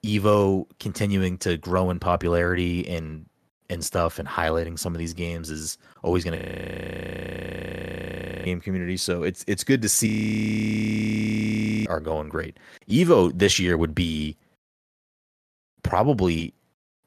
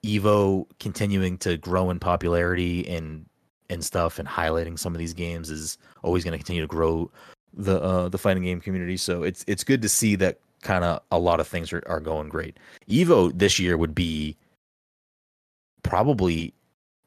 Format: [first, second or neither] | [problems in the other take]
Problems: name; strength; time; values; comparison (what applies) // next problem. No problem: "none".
second | audio freezing; at 6.5 s for 2 s and at 10 s for 2 s